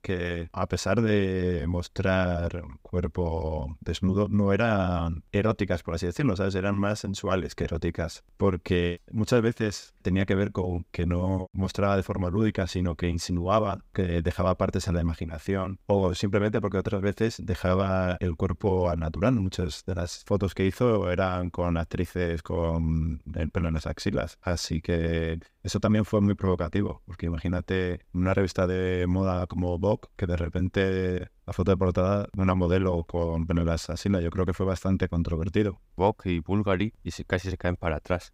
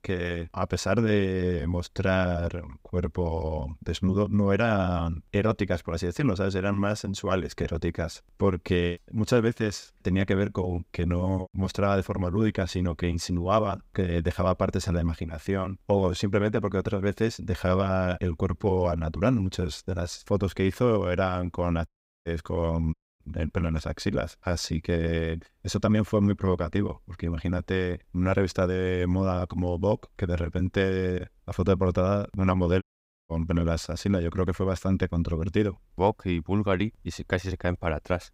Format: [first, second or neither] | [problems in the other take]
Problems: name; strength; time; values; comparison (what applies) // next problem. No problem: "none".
first | audio cutting out; at 22 s, at 23 s and at 33 s